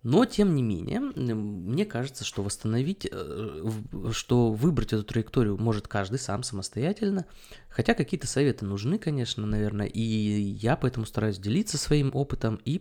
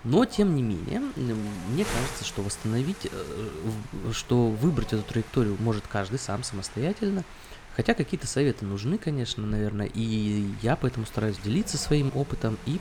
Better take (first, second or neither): first